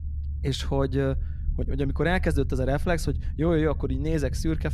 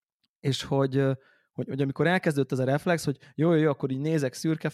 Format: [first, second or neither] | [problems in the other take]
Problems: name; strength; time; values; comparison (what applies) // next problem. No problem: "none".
second | low rumble; faint; throughout; 20 dB below the speech